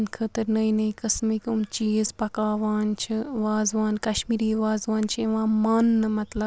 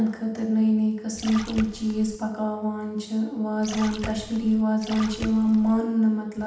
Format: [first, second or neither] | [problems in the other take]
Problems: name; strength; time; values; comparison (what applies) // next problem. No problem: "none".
first | background sound (Splash, splatter); 13 dB below the speech // room echo; dies away in 0.8 s